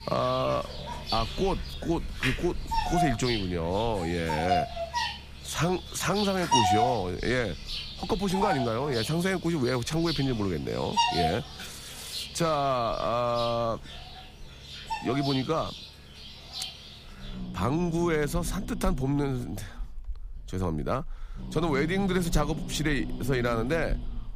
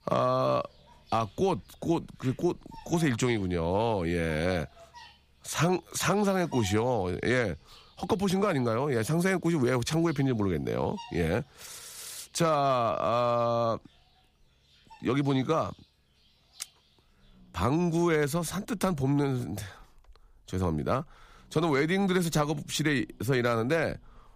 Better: second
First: animal sounds; loud; throughout; 5 dB below the speech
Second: animal sounds; faint; throughout; 25 dB below the speech

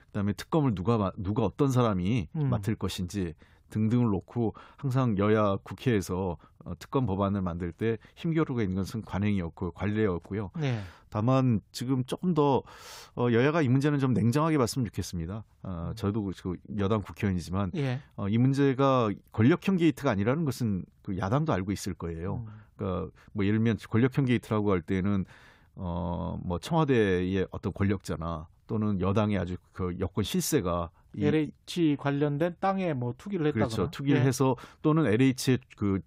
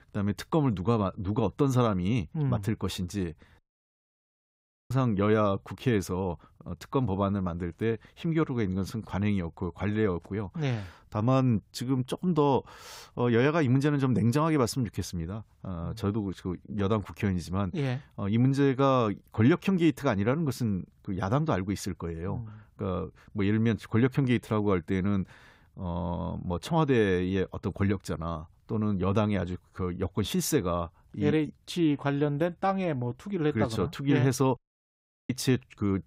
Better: first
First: none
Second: audio cutting out; at 3.5 s for 1.5 s and at 35 s for 0.5 s

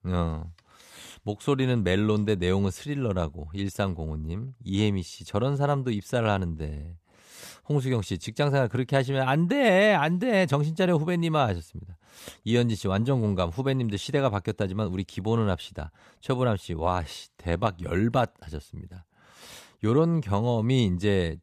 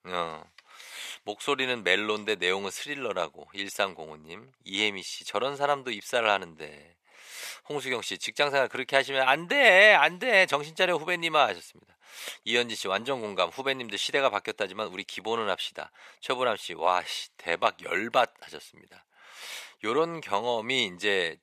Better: first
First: none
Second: thin; very; fading below 600 Hz

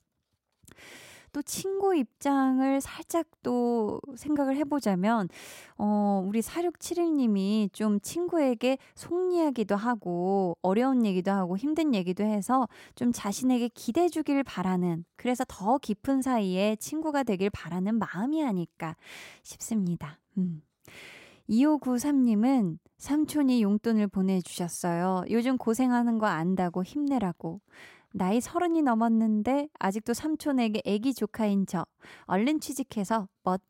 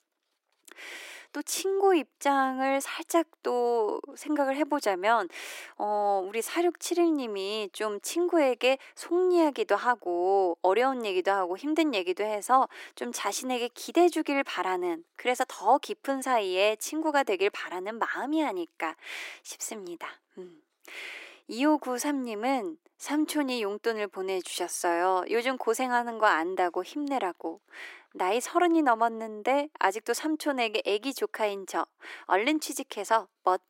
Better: first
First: none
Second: thin; somewhat; fading below 350 Hz

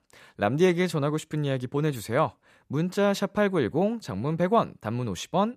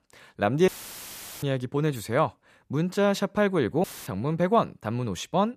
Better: first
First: none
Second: audio cutting out; filled with static; at 0.5 s for 0.5 s and at 4 s

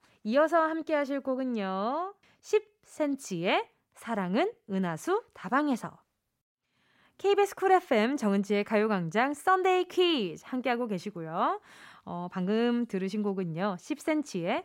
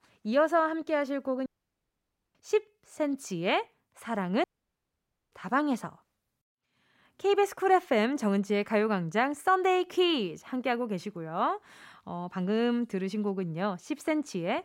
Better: first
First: none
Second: audio cutting out; at 1.5 s for 1 s and at 4.5 s for 1 s

